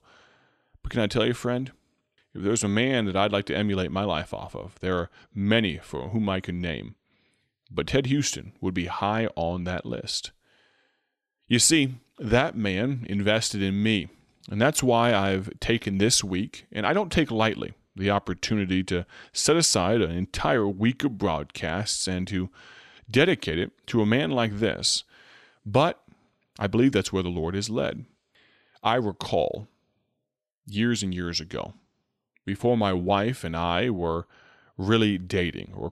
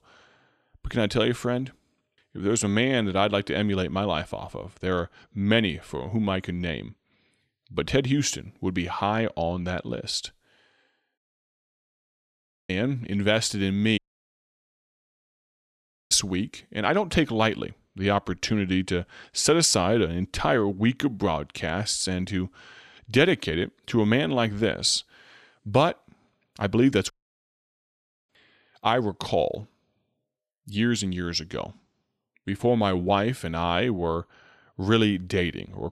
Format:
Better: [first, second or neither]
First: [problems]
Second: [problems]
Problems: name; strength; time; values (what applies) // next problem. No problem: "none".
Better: first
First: none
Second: audio cutting out; at 11 s for 1.5 s, at 14 s for 2 s and at 27 s for 1 s